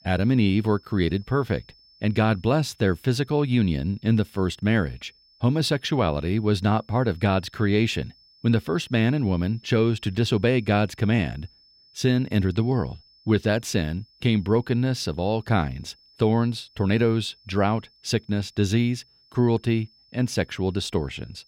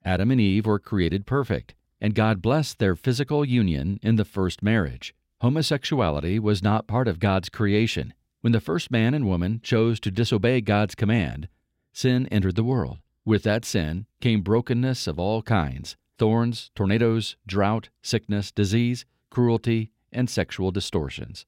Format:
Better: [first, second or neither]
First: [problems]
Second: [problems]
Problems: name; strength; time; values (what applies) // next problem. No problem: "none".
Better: second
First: high-pitched whine; faint; throughout; 5.5 kHz, 30 dB below the speech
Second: none